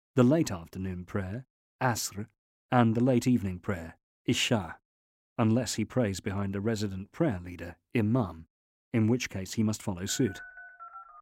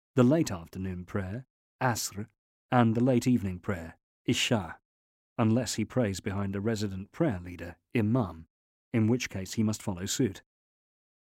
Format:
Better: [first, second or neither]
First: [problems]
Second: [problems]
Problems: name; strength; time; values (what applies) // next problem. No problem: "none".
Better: second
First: phone ringing; faint; from 10 s on; peak 15 dB below the speech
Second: none